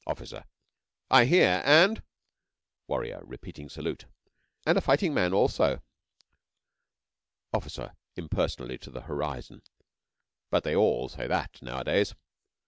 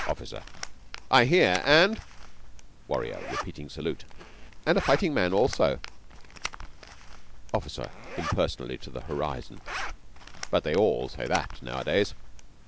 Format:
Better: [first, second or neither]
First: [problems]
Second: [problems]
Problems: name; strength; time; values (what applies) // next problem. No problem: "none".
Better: first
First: none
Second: background sound (Zipper (clothing)); 9 dB below the speech